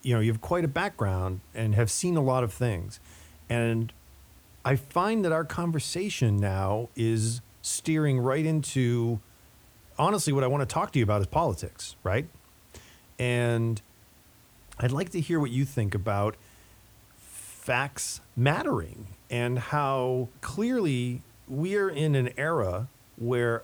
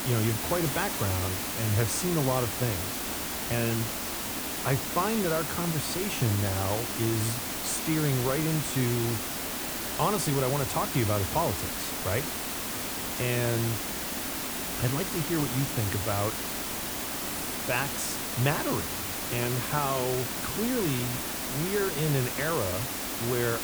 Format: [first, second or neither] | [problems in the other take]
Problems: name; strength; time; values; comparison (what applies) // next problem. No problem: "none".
first | hiss; loud; throughout; as loud as the speech; faint in the first